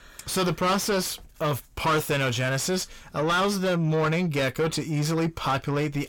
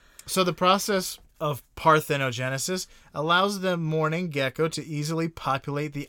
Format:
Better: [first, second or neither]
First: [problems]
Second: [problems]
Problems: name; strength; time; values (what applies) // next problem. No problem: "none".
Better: second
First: distortion; heavy; 6 dB below the speech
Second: none